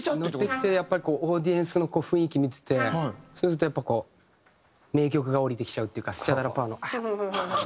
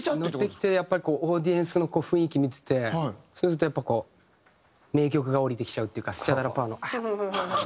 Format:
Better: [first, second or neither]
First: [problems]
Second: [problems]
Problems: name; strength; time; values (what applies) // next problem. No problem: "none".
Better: second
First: background sound (Trumpet); 10 dB below the speech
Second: none